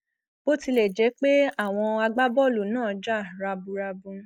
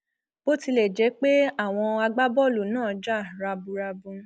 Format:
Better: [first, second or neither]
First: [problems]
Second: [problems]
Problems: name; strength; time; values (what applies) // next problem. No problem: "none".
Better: second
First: noise reduction (neural mask model Resemble Enhance denoiser)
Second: none